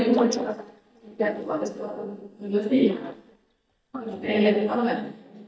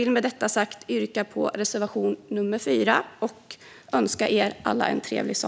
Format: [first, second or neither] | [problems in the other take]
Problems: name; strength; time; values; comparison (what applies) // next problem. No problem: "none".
second | noise reduction (neural mask model DeepFilterNet 3)